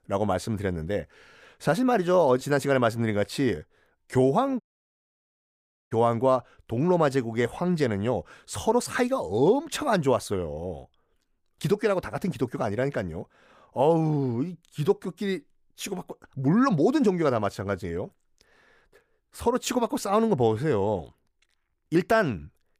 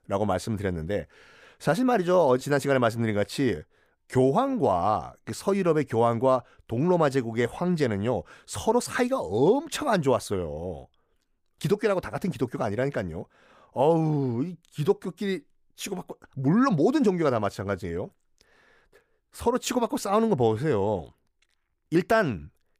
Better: second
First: audio cutting out; at 4.5 s for 1.5 s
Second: none

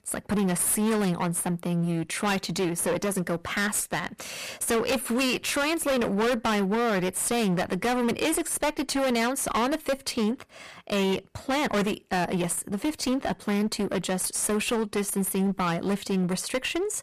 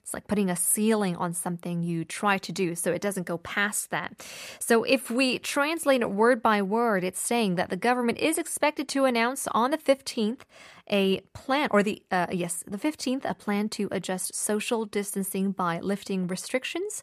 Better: second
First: distortion; heavy; 23% of the sound clipped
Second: none

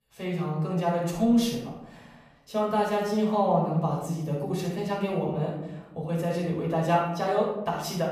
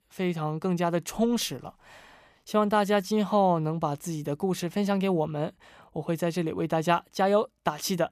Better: second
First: off-mic speech; far // room echo; noticeable; dies away in 0.8 s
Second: none

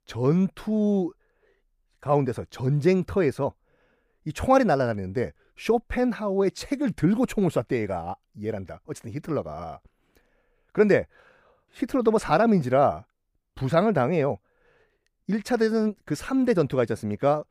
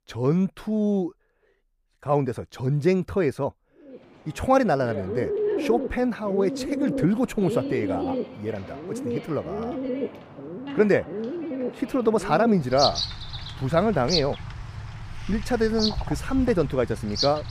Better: first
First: none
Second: animal sounds; loud; from 4 s on; 6 dB below the speech

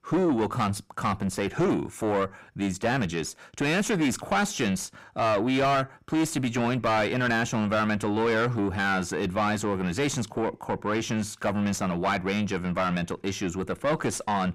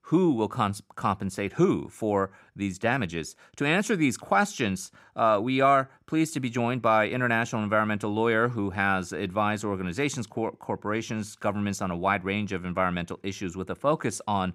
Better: second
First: distortion; heavy; 5 dB below the speech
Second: none

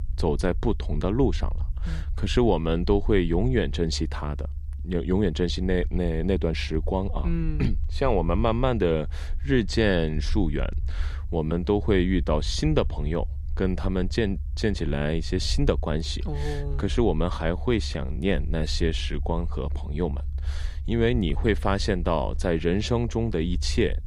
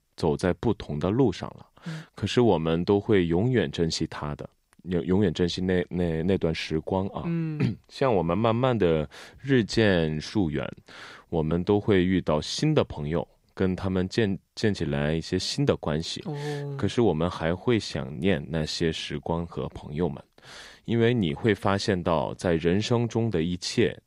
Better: second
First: low rumble; faint; throughout; 25 dB below the speech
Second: none

